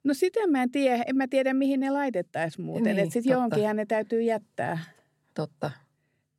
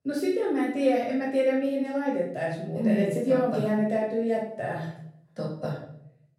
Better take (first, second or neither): first